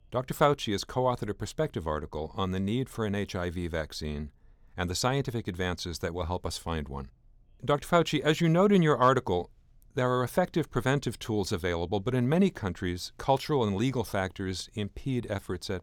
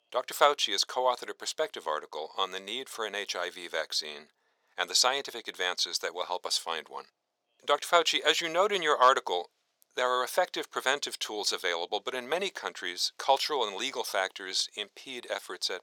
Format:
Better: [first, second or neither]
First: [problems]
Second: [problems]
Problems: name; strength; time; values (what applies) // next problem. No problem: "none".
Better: first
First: none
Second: thin; very; fading below 550 Hz